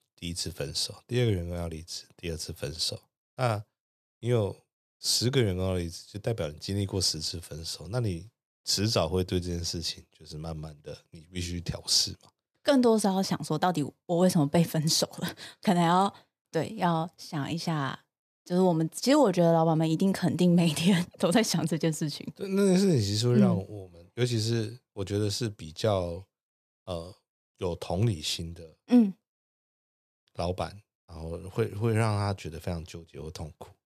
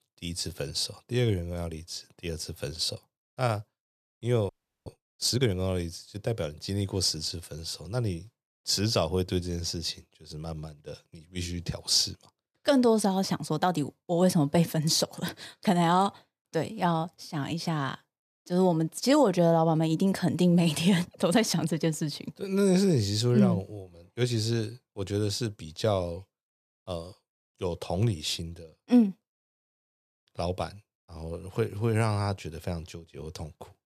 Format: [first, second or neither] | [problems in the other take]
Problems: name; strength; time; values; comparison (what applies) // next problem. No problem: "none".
first | audio freezing; at 4.5 s